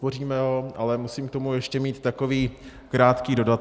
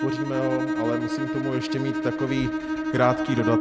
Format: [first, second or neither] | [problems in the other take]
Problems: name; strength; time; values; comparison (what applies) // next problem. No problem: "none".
first | background sound (Bowed string instrument); as loud as the speech